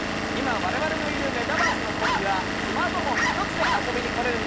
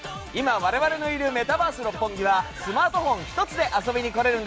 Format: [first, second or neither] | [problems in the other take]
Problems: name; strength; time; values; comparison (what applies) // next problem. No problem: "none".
second | background sound (Bark + Engine / Vehicle); 3 dB above the speech